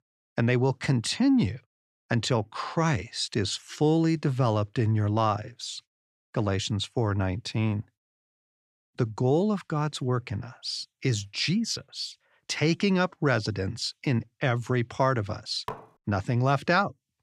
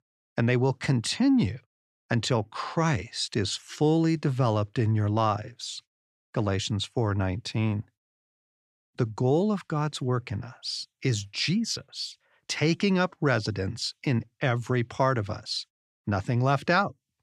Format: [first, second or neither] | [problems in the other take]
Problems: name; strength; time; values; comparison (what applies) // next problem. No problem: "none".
second | clattering dishes; faint; at 16 s; peak 10 dB below the speech